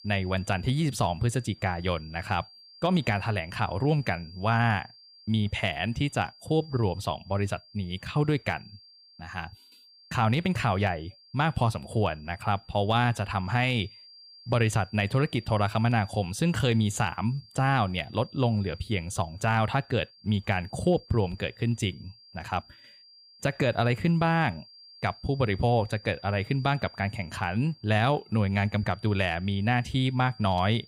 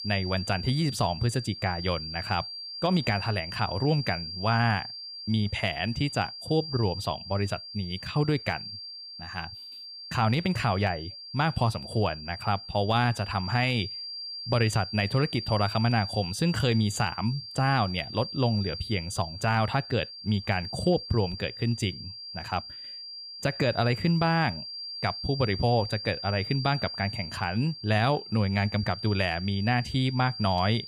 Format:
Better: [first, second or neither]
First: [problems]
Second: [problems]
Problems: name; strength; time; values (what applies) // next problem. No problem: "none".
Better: first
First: high-pitched whine; faint; throughout; 4.5 kHz, 25 dB below the speech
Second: high-pitched whine; loud; throughout; 4.5 kHz, 9 dB below the speech